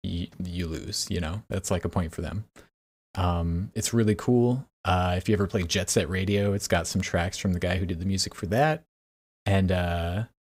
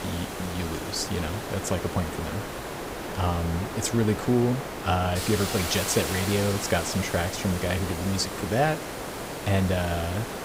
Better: first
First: none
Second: hiss; loud; throughout; 5 dB below the speech

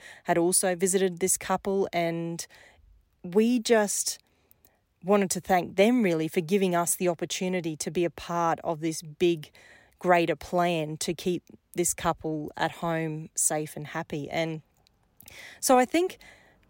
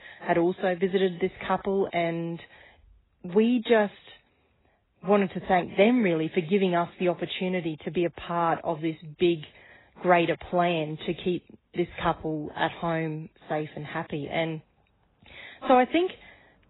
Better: first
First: none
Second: garbled, watery; badly; nothing above 4 kHz

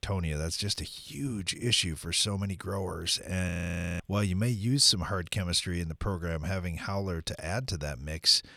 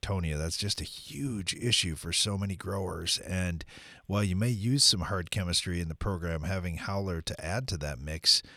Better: second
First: audio freezing; at 3.5 s for 0.5 s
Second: none

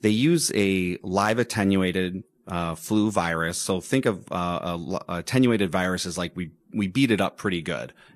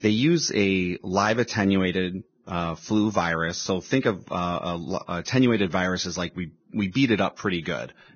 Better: first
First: garbled, watery; slightly; nothing above 11.5 kHz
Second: garbled, watery; badly; nothing above 6.5 kHz

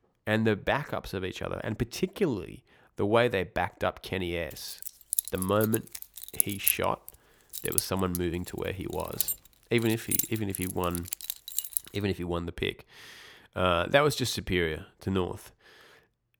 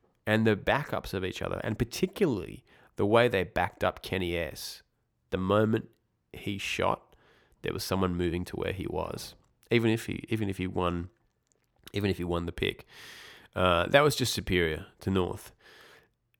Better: second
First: jangling keys; loud; from 5 to 12 s; peak 5 dB above the speech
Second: none

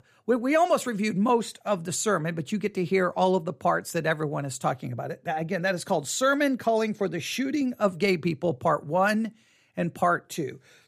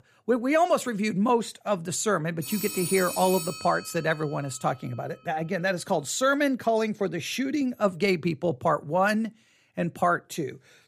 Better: first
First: none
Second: phone ringing; noticeable; from 2.5 to 4 s; peak 4 dB below the speech

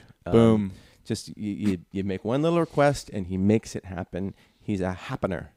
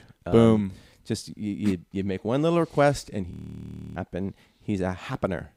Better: first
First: none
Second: audio freezing; at 3.5 s for 0.5 s

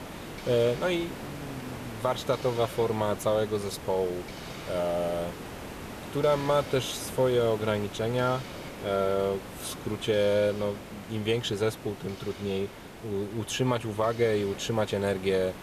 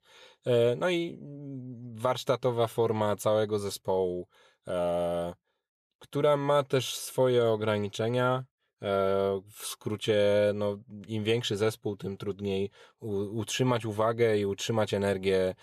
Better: second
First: hiss; noticeable; throughout; 10 dB below the speech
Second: none

